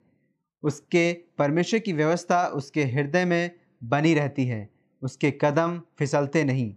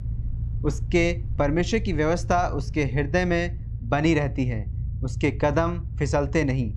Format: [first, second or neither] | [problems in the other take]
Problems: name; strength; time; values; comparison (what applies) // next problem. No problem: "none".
first | low rumble; faint; throughout; 20 dB below the speech